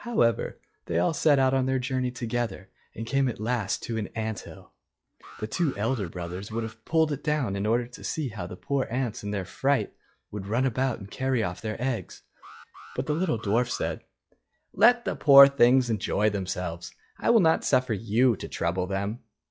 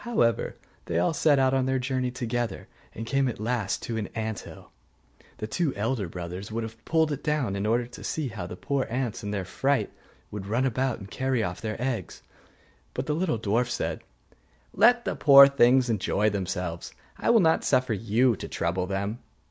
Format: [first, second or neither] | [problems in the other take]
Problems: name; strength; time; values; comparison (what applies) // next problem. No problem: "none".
second | noise reduction (classical method log-MMSE)